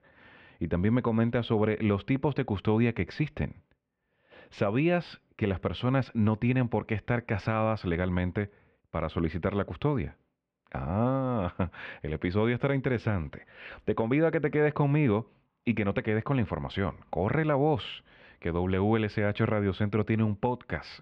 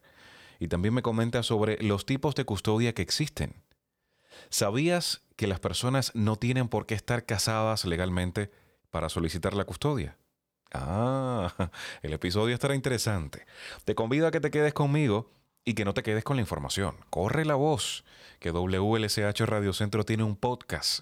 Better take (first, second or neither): second